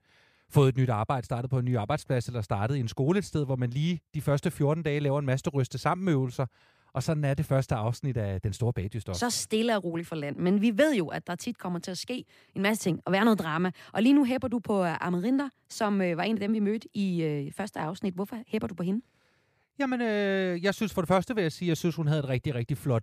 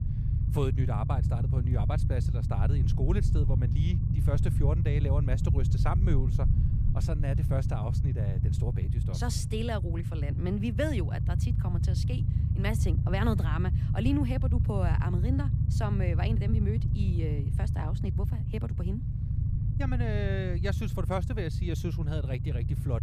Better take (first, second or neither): first